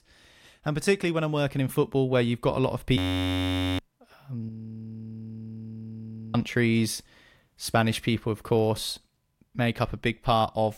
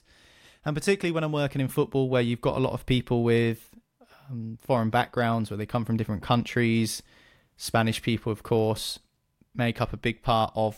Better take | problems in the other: second | audio freezing; at 3 s for 1 s and at 4.5 s for 2 s

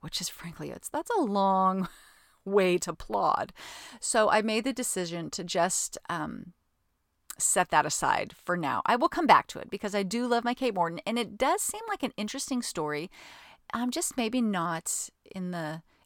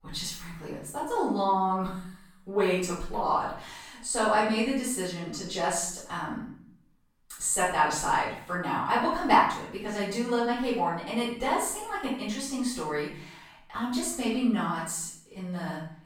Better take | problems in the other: first | off-mic speech; far // room echo; noticeable; dies away in 0.6 s

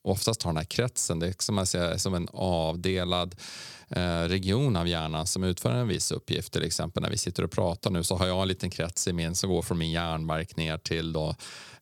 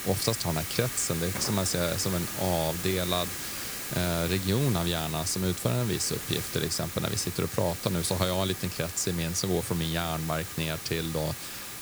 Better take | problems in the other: first | hiss; loud; throughout; 5 dB below the speech

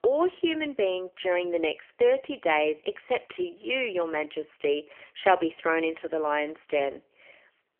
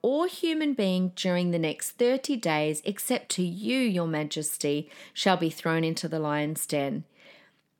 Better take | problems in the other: second | phone-call audio; poor line; nothing above 3 kHz

